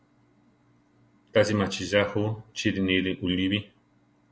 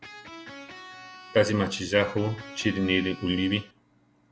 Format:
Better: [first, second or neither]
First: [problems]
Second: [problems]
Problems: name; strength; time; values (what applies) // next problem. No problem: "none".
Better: first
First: none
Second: background sound (Electric guitar); 16 dB below the speech